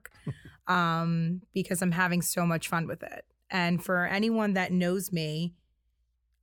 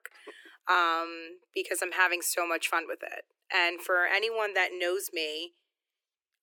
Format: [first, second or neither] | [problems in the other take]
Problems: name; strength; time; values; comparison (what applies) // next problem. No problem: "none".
first | thin; very; fading below 350 Hz